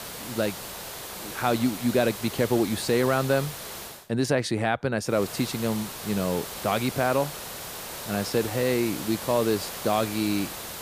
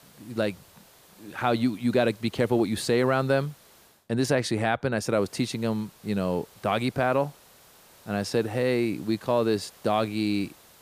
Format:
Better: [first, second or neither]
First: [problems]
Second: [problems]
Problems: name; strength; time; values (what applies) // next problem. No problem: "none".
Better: second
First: hiss; loud; until 4 s and from 5 s on; 9 dB below the speech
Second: hiss; faint; until 4 s and from 5 s on; 25 dB below the speech